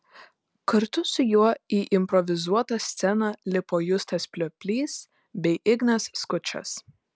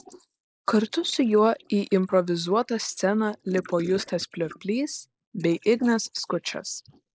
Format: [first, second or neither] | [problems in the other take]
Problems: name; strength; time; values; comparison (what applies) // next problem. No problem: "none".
first | noise reduction (neural mask model Resemble Enhance denoiser)